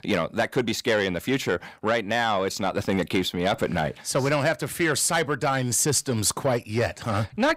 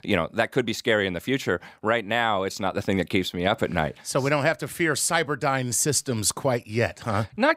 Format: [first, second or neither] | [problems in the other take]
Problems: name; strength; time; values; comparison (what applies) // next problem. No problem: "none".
second | distortion; slight; 10 dB below the speech